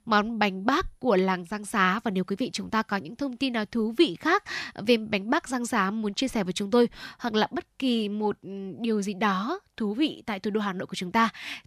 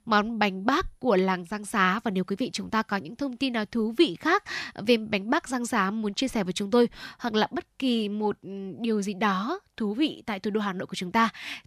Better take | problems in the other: neither | none

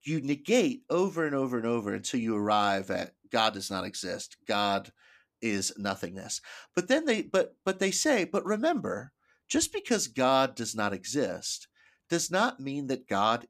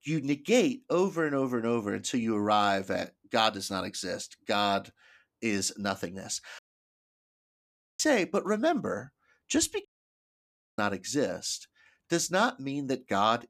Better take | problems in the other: first | audio cutting out; at 6.5 s for 1.5 s and at 10 s for 1 s

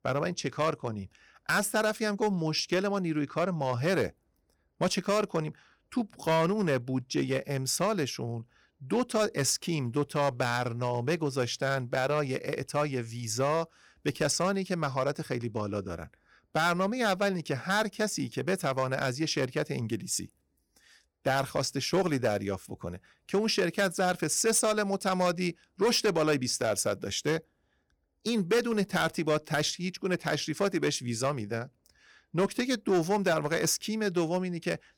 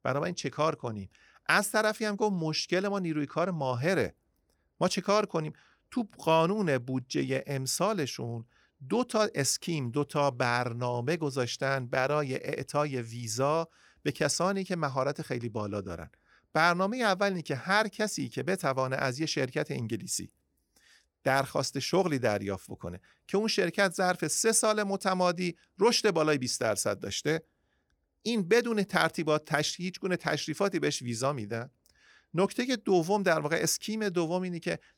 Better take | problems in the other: second | distortion; slight; 4% of the sound clipped

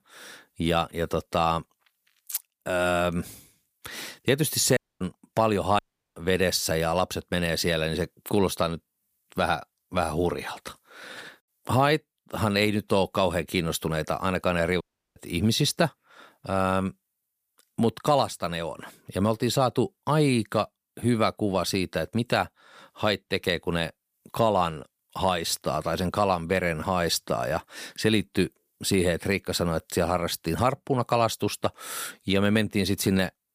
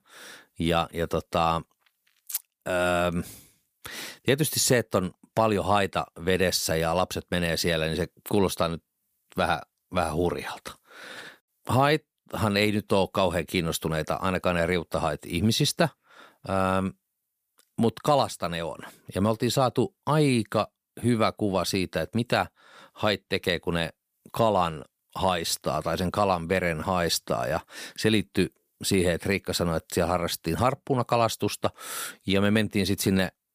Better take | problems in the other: second | audio cutting out; at 5 s, at 6 s and at 15 s

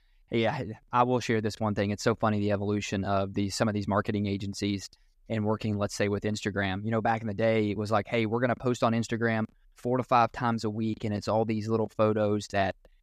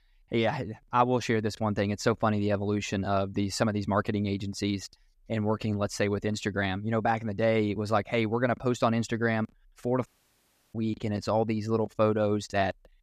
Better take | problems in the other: first | audio cutting out; at 10 s for 0.5 s

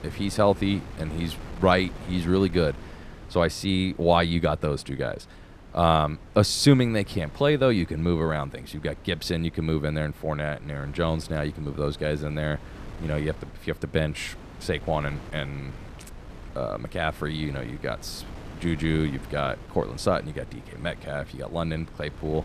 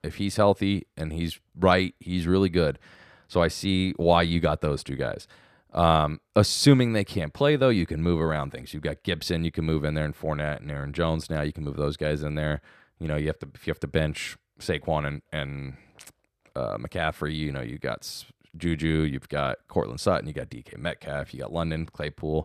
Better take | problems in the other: second | wind noise on the microphone; occasional gusts; 20 dB below the speech

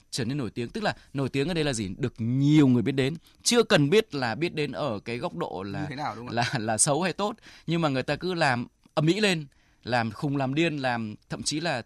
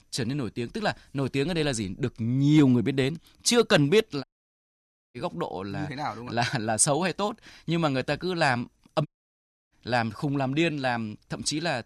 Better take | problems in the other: first | audio cutting out; at 4 s for 1 s and at 9 s for 0.5 s

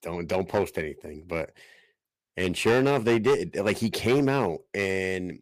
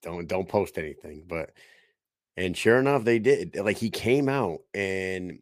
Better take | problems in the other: second | distortion; slight; 6% of the sound clipped

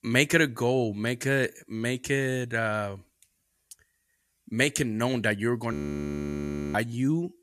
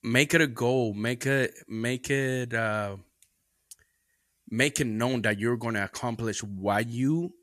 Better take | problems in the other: second | audio freezing; at 5.5 s for 1 s

